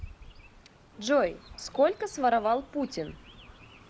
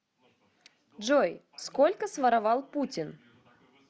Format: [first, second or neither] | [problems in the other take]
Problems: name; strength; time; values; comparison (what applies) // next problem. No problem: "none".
second | background sound (Chirp, tweet); 19 dB below the speech